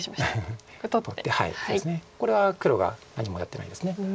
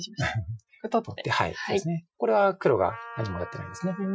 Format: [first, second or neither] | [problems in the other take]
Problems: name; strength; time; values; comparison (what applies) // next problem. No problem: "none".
first | noise reduction (classical method Wiener filter)